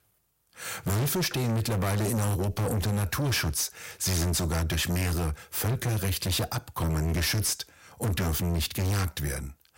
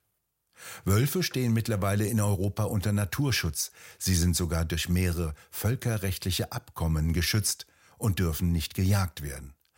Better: second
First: distortion; heavy; 6 dB below the speech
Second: none

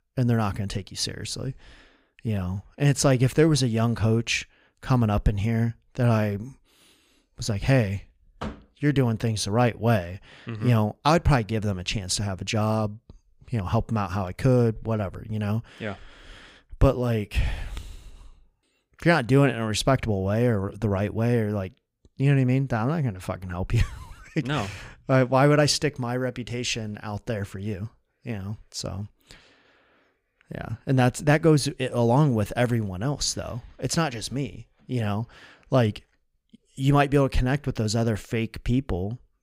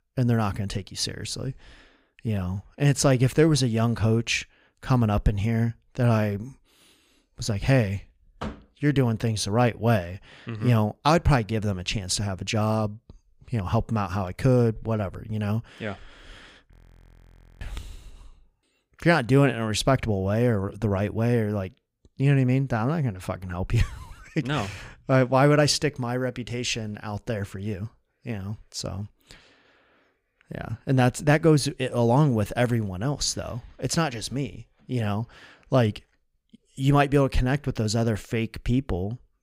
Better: first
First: none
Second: audio freezing; at 17 s for 1 s

